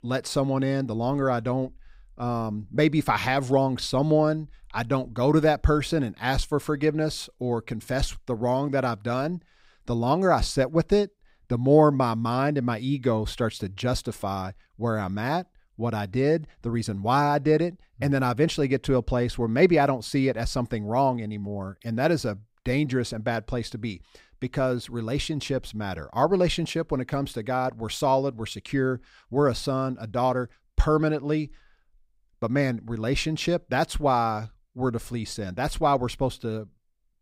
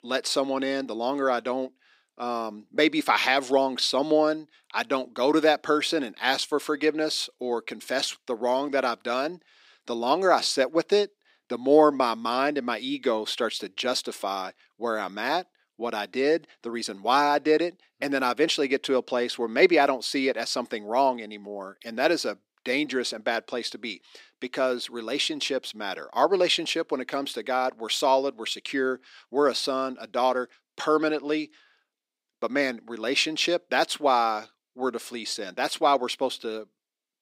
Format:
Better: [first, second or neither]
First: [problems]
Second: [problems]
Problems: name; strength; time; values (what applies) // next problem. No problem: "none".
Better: first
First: none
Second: thin; somewhat; fading below 300 Hz